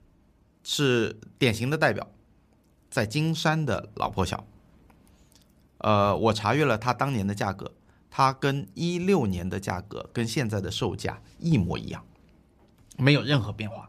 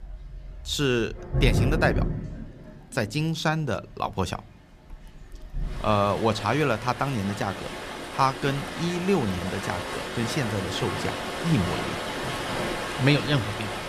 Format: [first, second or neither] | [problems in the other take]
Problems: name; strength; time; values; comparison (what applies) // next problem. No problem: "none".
first | rain or running water; loud; throughout; 4 dB below the speech